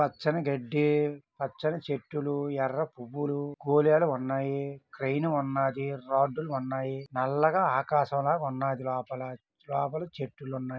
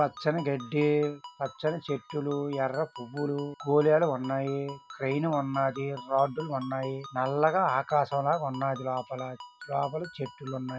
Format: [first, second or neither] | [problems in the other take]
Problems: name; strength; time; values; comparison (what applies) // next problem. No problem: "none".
first | background sound (Ringtone); 18 dB below the speech